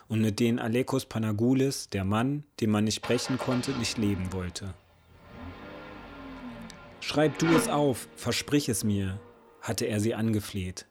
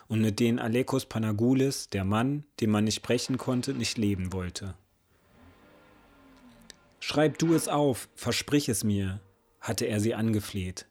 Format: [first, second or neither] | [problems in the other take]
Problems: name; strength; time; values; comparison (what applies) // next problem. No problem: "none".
second | traffic noise; loud; throughout; 9 dB below the speech; faint in the second